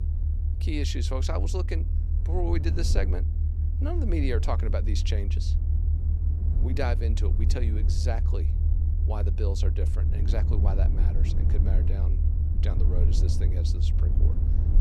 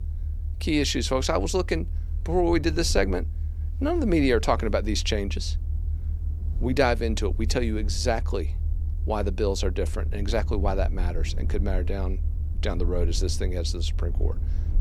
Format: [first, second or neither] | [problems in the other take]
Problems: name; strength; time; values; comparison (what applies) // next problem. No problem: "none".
second | low rumble; loud; throughout; 6 dB below the speech; faint in the second